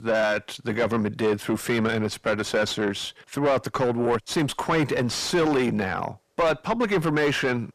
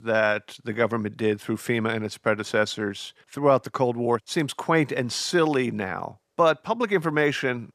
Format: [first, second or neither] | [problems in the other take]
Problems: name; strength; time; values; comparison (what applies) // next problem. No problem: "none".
second | distortion; heavy; 6 dB below the speech